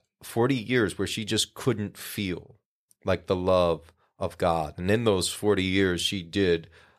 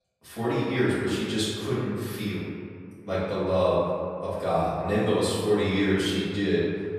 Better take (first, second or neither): first